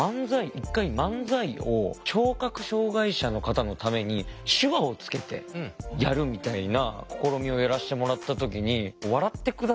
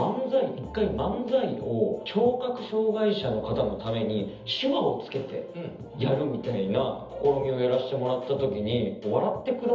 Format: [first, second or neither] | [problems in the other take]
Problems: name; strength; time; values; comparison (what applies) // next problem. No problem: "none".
first | room echo; dies away in 0.7 s